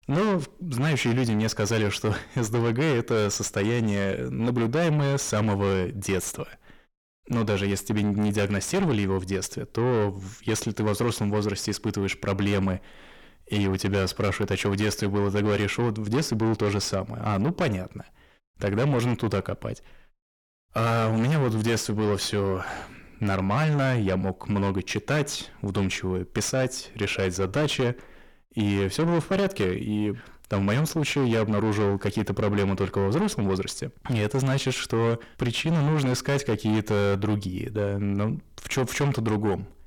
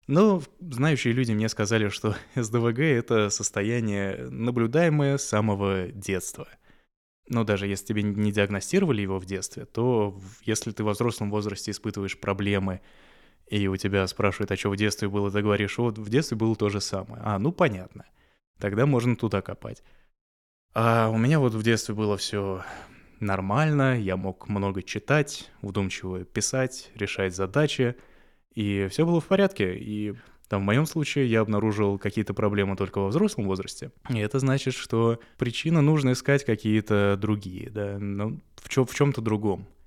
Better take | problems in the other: second | distortion; heavy; 6 dB below the speech

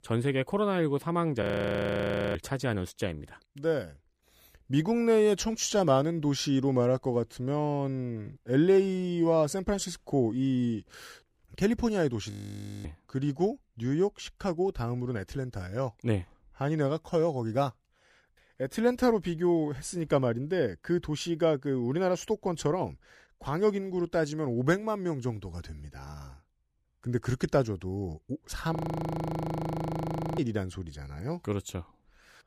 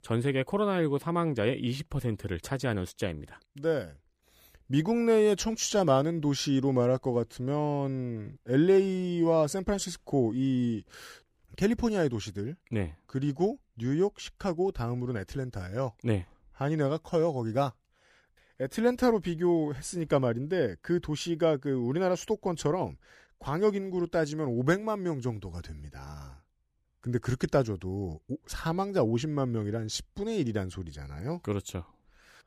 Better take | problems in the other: second | audio freezing; at 1.5 s for 1 s, at 12 s for 0.5 s and at 29 s for 1.5 s

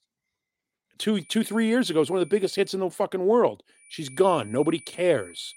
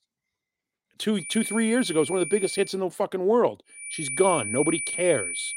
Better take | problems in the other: first | high-pitched whine; loud; from 1.5 to 2.5 s and from 4 s on; 9.5 kHz, 5 dB below the speech; faint in the first

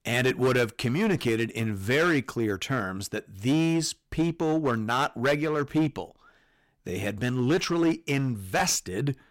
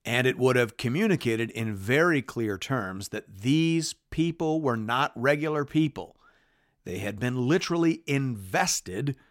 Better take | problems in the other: second | distortion; slight; 8% of the sound clipped

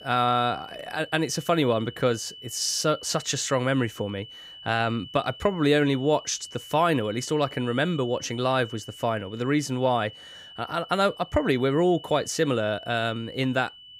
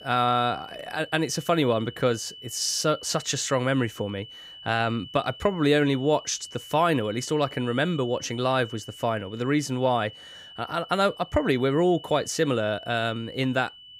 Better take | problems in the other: neither | high-pitched whine; noticeable; throughout; 3 kHz, 15 dB below the speech; the same in both

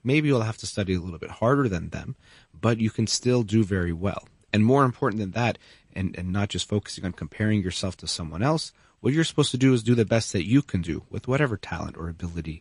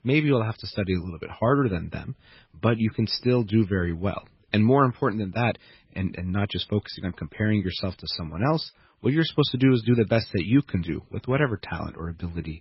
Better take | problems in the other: first | garbled, watery; badly; nothing above 5.5 kHz; slightly in the first

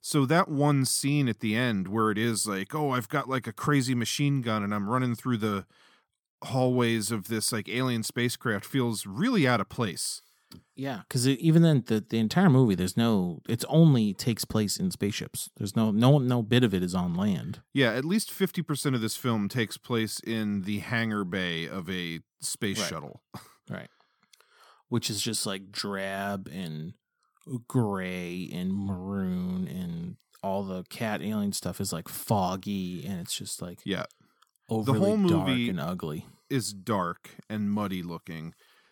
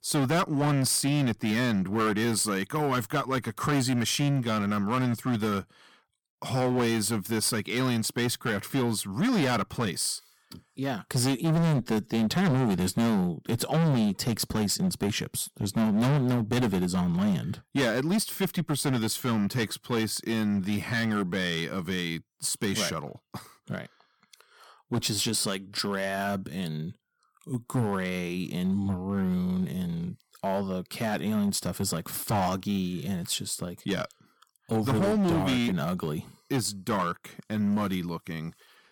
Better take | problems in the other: first | distortion; heavy; 11% of the sound clipped

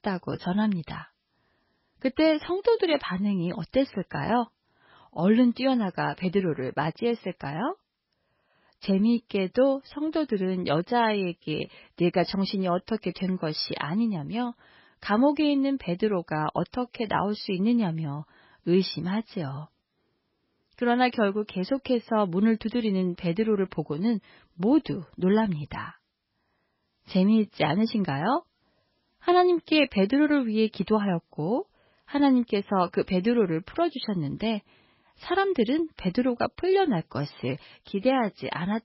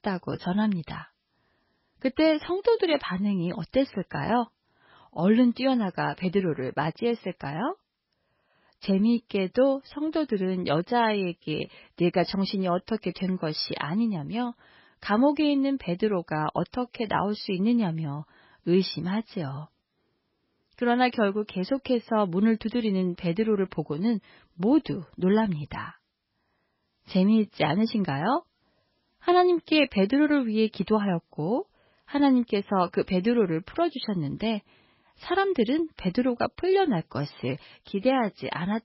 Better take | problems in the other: neither | garbled, watery; badly; nothing above 5.5 kHz; the same in both

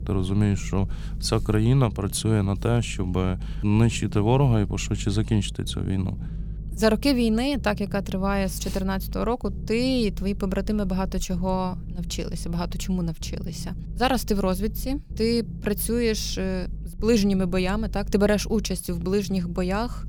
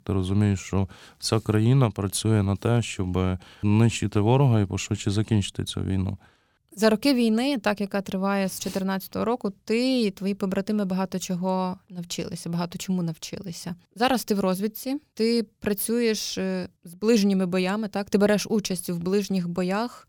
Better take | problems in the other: second | low rumble; faint; throughout; 20 dB below the speech

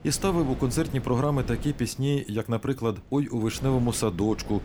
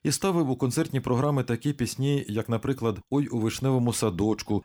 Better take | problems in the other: second | wind noise on the microphone; occasional gusts; 15 dB below the speech

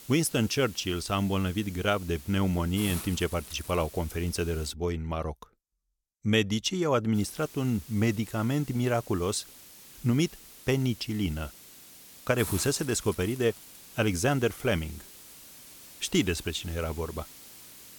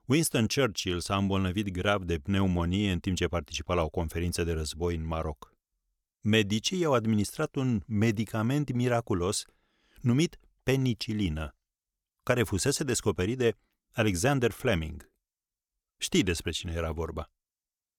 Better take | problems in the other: second | hiss; noticeable; until 4.5 s and from 7 s on; 15 dB below the speech

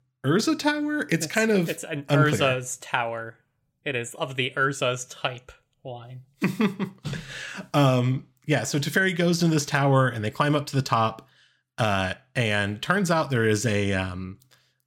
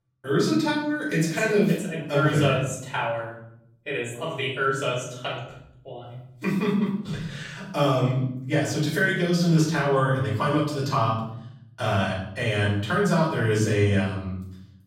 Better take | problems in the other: first | off-mic speech; far // room echo; noticeable; dies away in 0.8 s

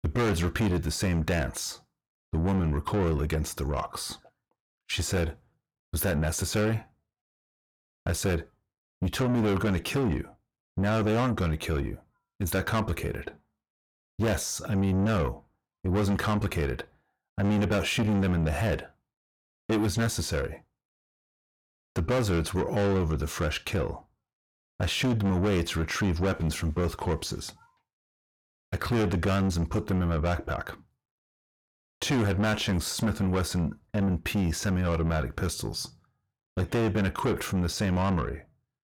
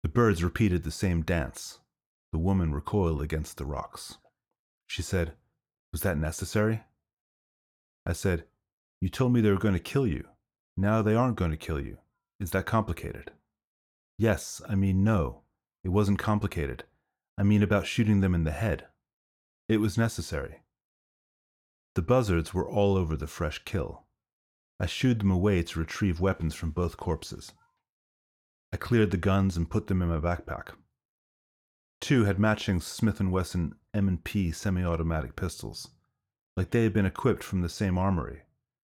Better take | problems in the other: second | distortion; heavy; 7 dB below the speech

